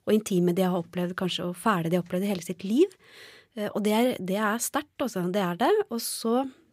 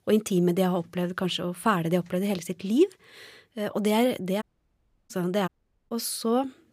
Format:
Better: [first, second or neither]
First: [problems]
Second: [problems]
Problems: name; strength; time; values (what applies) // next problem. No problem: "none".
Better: first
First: none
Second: audio cutting out; at 4.5 s for 0.5 s and at 5.5 s